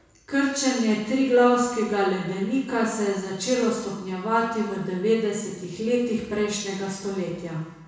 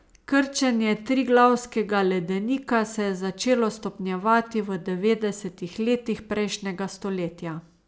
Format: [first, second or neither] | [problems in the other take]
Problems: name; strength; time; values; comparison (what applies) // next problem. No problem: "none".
second | room echo; dies away in 1 s